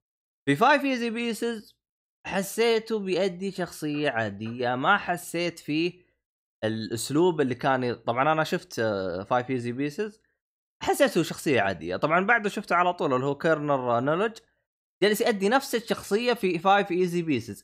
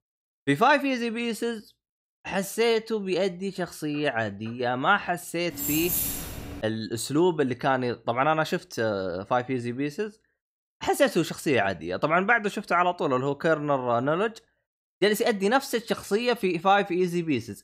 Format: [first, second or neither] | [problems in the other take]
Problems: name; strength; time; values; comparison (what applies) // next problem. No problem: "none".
first | jangling keys; loud; from 5.5 to 6.5 s; peak 1 dB above the speech